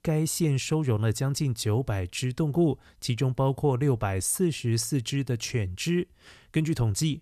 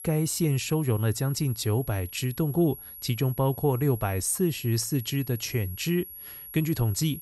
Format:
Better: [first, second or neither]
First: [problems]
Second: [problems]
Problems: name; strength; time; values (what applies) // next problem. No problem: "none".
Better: first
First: none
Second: high-pitched whine; noticeable; throughout; 11.5 kHz, 15 dB below the speech